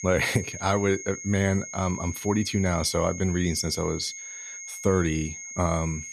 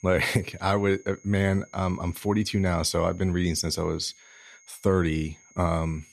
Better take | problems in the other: second | high-pitched whine; loud; throughout; 6.5 kHz, 10 dB below the speech; faint in the second

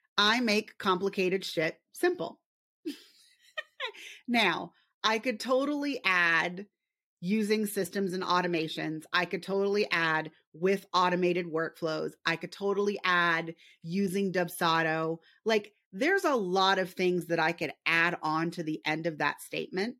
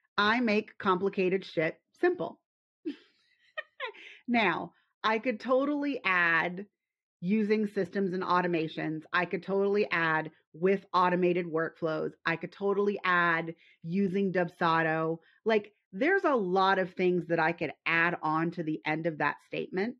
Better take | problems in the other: first | muffled; slightly; fading above 2.5 kHz

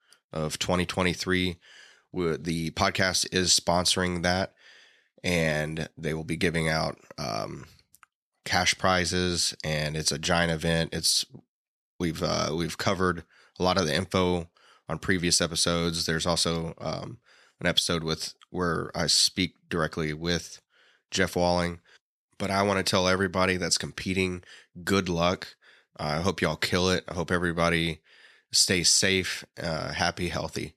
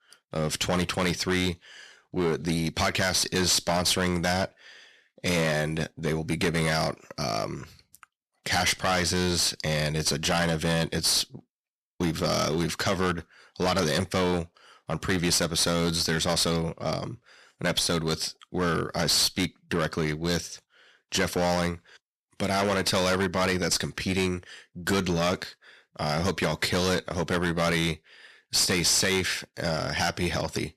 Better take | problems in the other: first | distortion; heavy; 11% of the sound clipped

